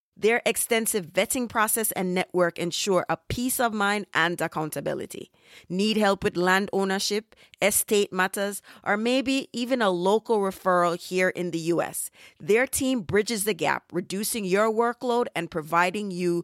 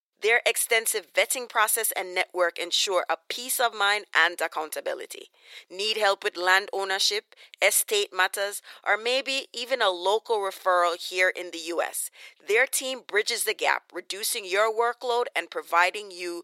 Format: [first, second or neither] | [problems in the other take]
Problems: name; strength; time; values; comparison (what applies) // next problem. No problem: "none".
first | thin; very; fading below 450 Hz